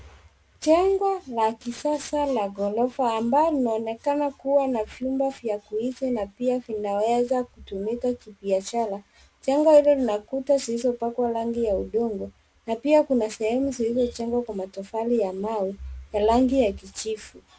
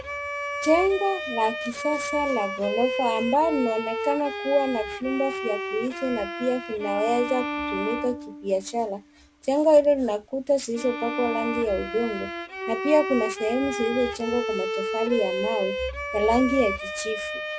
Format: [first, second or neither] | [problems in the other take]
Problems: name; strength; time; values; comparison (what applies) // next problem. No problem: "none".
first | background sound (Bowed string instrument); 6 dB below the speech